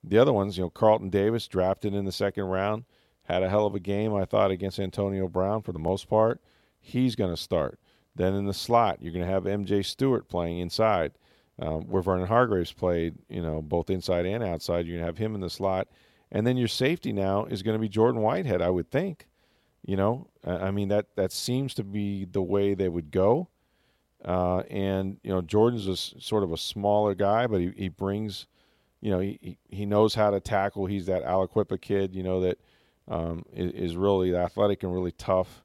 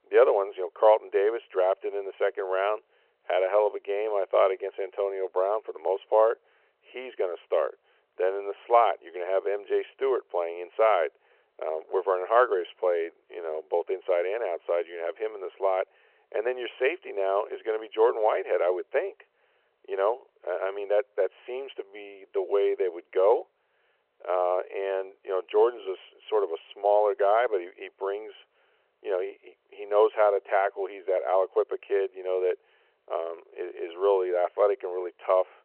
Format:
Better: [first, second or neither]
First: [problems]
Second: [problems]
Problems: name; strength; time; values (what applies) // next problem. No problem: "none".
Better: first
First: none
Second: phone-call audio